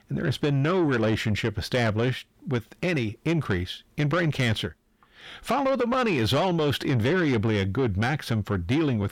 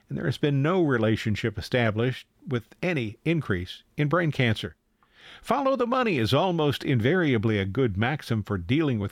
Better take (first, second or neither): second